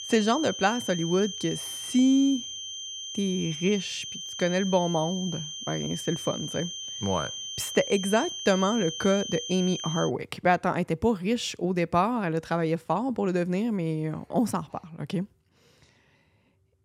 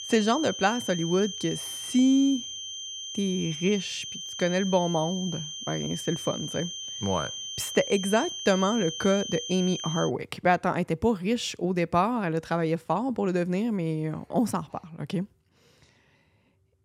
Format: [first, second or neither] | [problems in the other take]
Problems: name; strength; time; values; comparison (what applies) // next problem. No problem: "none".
neither | high-pitched whine; loud; until 10 s; 3 kHz, 7 dB below the speech; the same in both